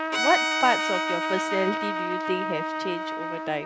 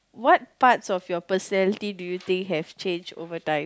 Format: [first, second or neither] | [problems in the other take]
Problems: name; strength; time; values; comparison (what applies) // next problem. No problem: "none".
second | background sound (Trumpet + Bowed string instrument); 1 dB above the speech